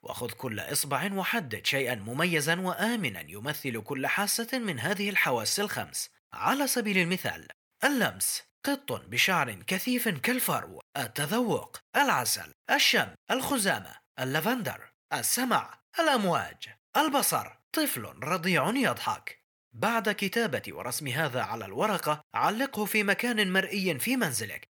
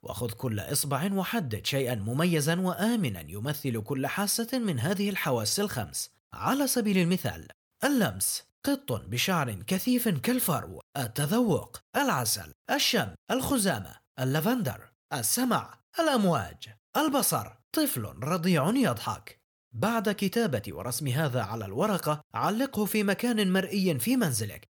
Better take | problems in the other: second | thin; very slightly; fading below 500 Hz

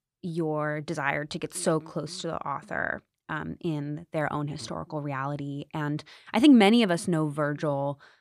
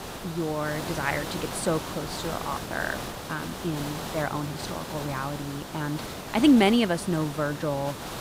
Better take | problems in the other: first | hiss; loud; throughout; 8 dB below the speech

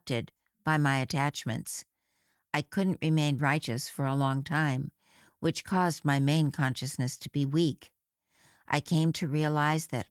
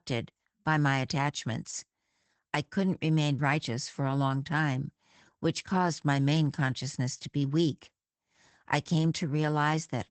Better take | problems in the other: first | garbled, watery; badly; nothing above 8 kHz; slightly in the first

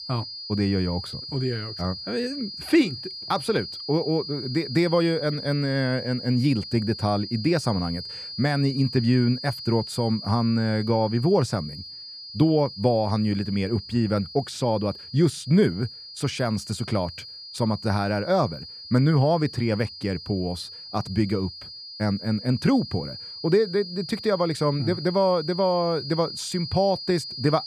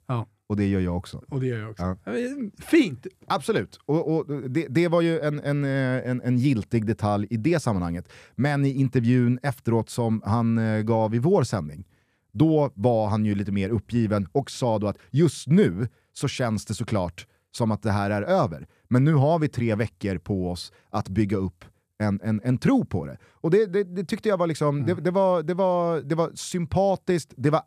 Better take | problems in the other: second | high-pitched whine; noticeable; throughout; 5 kHz, 10 dB below the speech

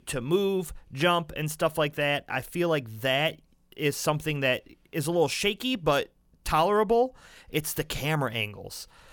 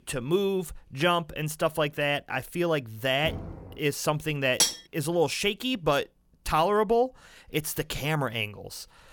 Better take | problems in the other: first | door banging; faint; at 3 s; peak 10 dB below the speech // clattering dishes; loud; at 4.5 s; peak 3 dB above the speech

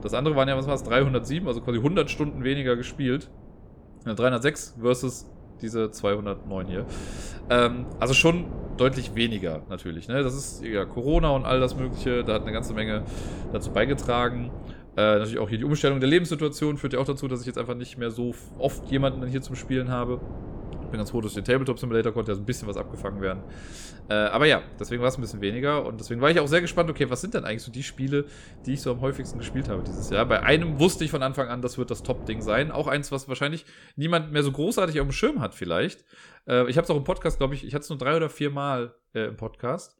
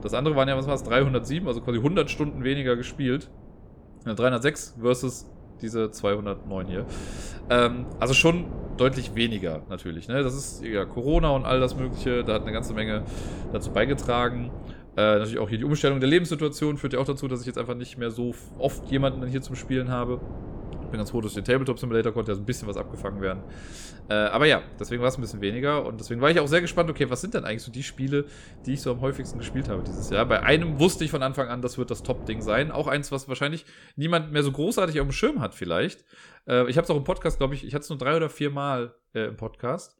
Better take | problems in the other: neither | wind noise on the microphone; occasional gusts; until 33 s; 20 dB below the speech; the same in both

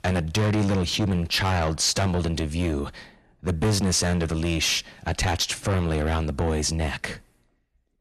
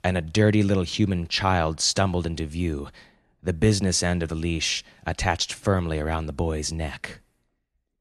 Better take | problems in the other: second | distortion; heavy; 6 dB below the speech

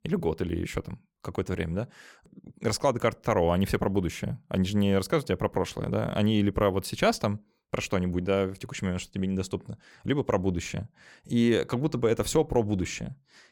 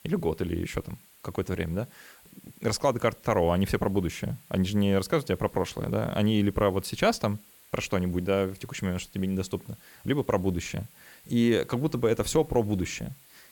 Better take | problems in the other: first | hiss; faint; throughout; 25 dB below the speech

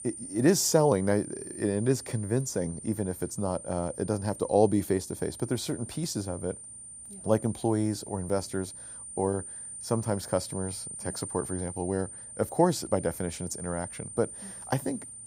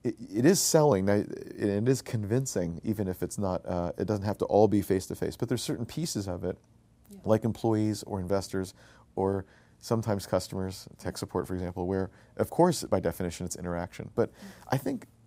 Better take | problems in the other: second | high-pitched whine; noticeable; throughout; 9 kHz, 10 dB below the speech

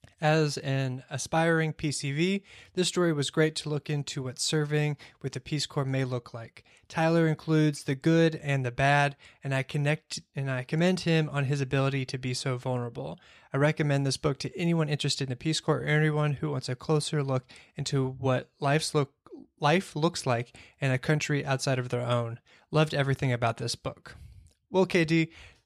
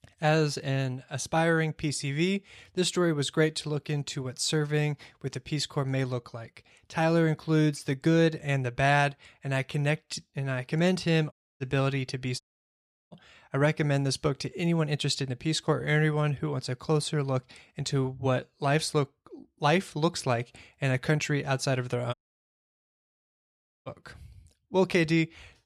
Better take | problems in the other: first | audio cutting out; at 11 s, at 12 s for 0.5 s and at 22 s for 1.5 s

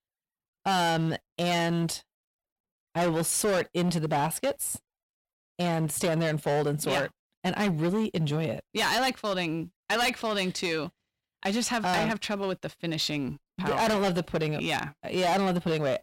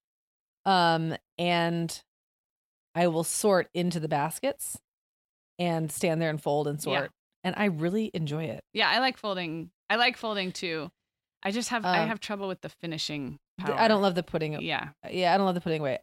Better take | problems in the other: second | distortion; heavy; 14% of the sound clipped

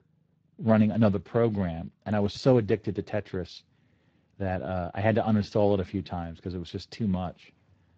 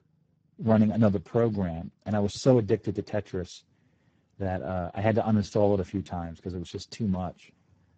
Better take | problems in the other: first | garbled, watery; badly; nothing above 7.5 kHz; slightly in the first

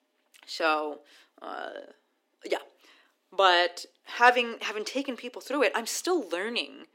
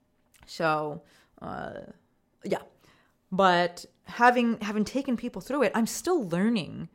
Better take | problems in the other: second | thin; somewhat; fading below 300 Hz

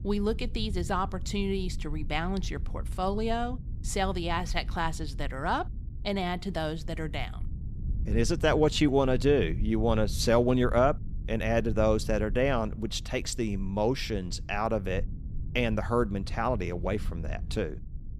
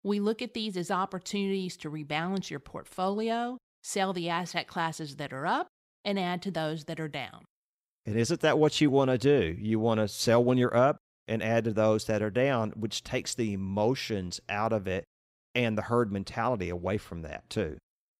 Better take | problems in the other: second | low rumble; faint; throughout; 20 dB below the speech

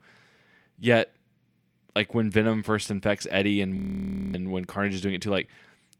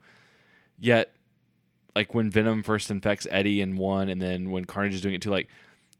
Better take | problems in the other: second | audio freezing; at 4 s for 0.5 s

